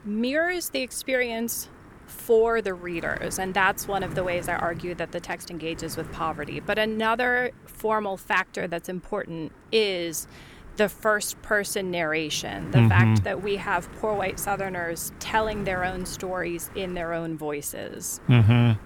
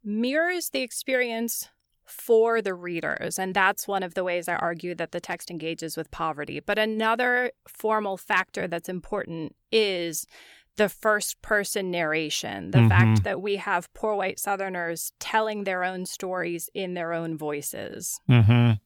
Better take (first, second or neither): second